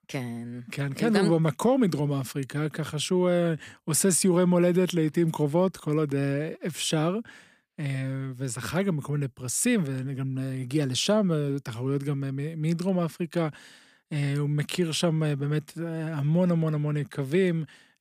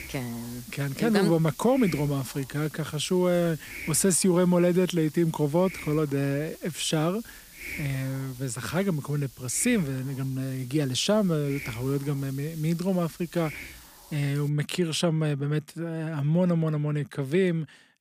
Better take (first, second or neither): first